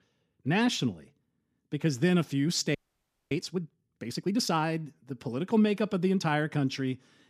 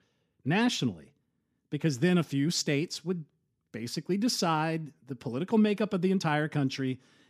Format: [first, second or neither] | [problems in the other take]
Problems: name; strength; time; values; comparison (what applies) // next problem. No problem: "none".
second | audio freezing; at 3 s for 0.5 s